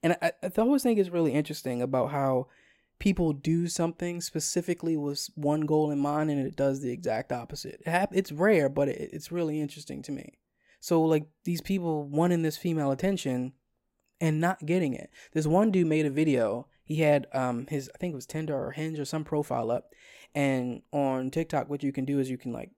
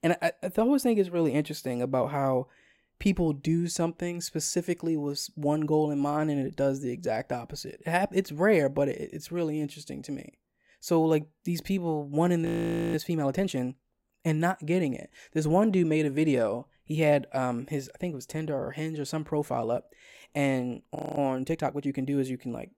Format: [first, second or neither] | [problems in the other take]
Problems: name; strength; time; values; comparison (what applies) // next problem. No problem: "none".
first | audio freezing; at 12 s and at 21 s